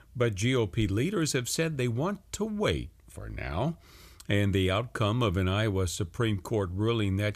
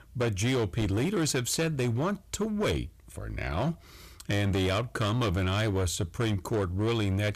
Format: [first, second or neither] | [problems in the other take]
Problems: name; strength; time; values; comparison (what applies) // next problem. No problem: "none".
first | distortion; slight; 15% of the sound clipped